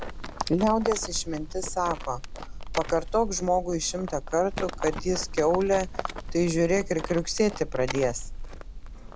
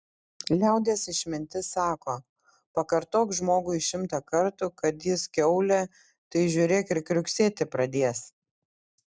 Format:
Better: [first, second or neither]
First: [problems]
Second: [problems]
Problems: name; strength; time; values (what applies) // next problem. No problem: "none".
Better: second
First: background sound (Livestock, farm animals, working animals); 7 dB below the speech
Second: none